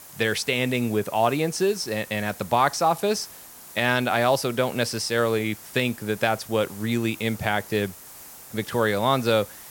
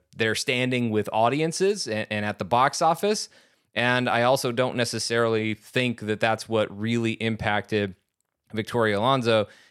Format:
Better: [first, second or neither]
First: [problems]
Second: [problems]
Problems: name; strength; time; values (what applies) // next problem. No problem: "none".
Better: second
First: hiss; noticeable; throughout; 15 dB below the speech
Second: none